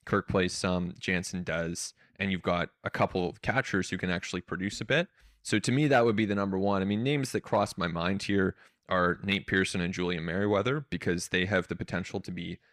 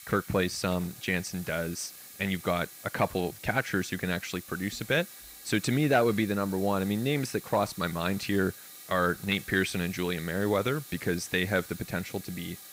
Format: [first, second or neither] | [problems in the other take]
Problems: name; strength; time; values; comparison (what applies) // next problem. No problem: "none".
first | hiss; noticeable; throughout; 15 dB below the speech